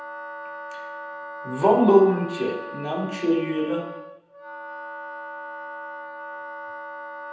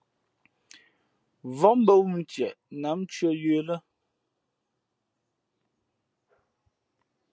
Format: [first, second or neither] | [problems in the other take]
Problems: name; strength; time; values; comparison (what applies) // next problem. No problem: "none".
second | background sound (Wind instrument, woodwind instrument); 11 dB below the speech // room echo; dies away in 0.9 s